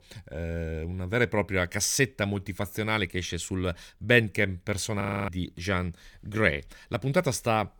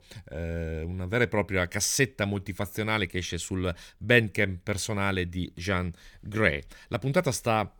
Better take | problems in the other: second | audio freezing; at 5 s

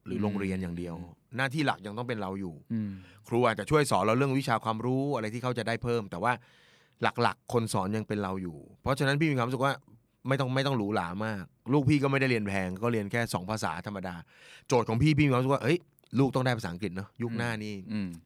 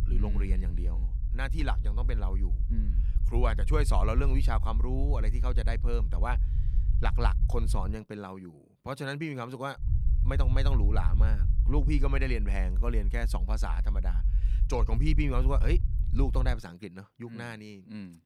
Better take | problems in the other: first | low rumble; noticeable; until 8 s and from 10 to 17 s; 15 dB below the speech

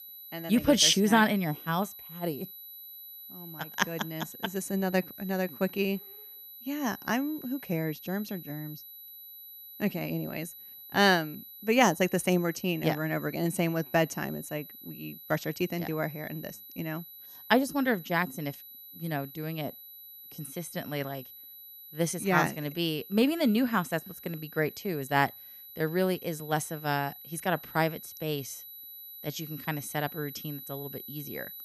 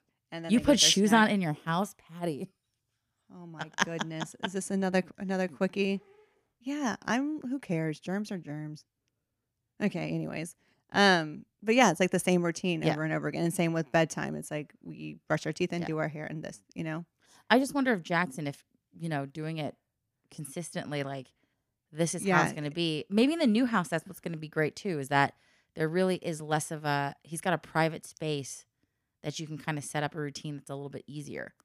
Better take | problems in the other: second | high-pitched whine; noticeable; throughout; 12 kHz, 15 dB below the speech

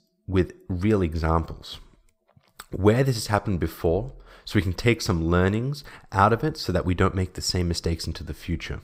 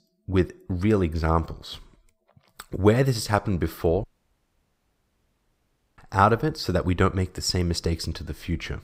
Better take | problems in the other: first | audio cutting out; at 4 s for 2 s

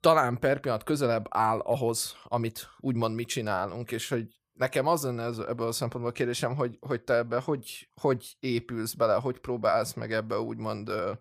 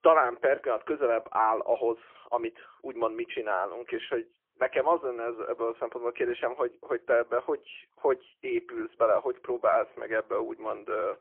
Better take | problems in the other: first | phone-call audio; poor line; nothing above 3.5 kHz

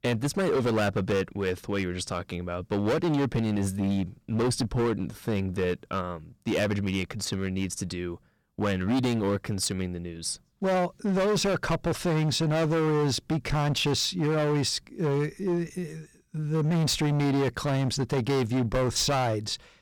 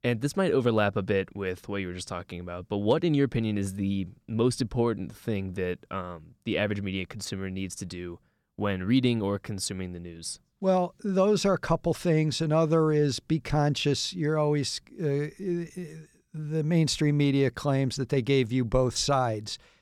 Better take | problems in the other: second | distortion; heavy; 18% of the sound clipped

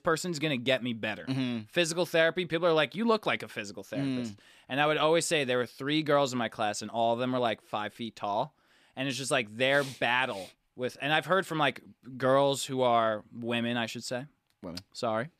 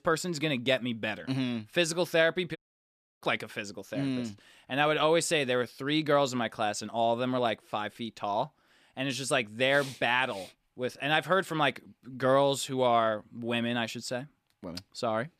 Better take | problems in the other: first | audio cutting out; at 2.5 s for 0.5 s

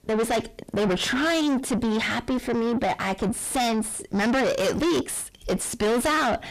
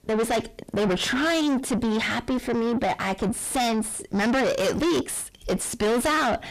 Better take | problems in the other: neither | distortion; heavy; 4 dB below the speech; the same in both

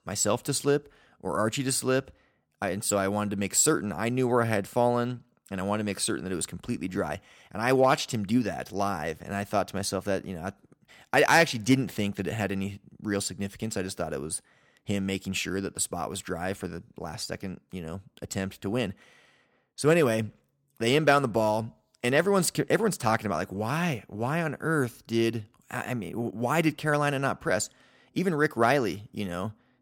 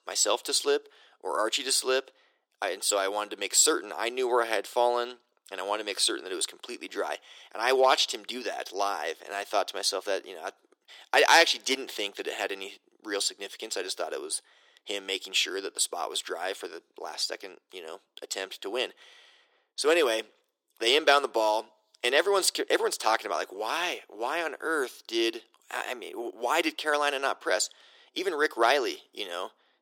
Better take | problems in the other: first | thin; very; fading below 350 Hz

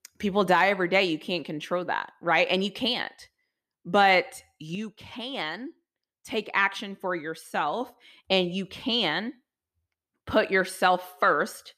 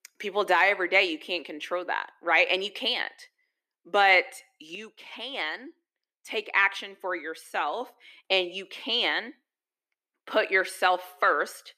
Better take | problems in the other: first | thin; somewhat; fading below 300 Hz

